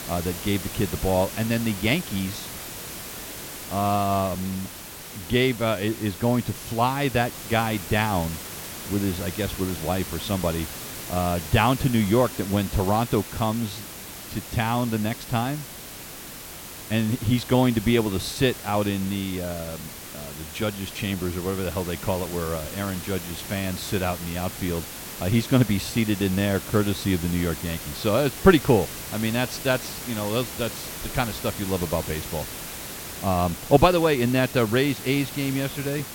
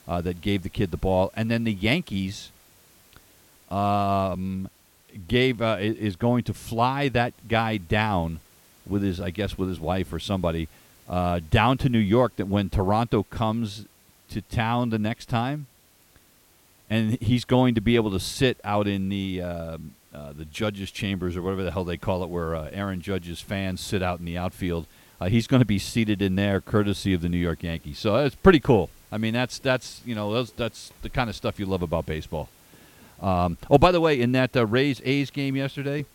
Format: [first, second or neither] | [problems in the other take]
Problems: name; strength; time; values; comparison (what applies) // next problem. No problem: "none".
second | hiss; loud; throughout; 10 dB below the speech; faint in the second